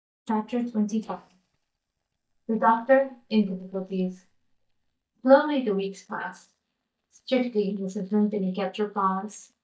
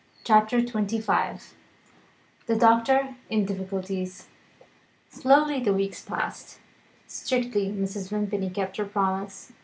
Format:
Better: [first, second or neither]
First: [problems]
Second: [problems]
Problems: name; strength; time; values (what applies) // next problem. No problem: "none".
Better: second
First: noise reduction (neural mask model DeepFilterNet 3)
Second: none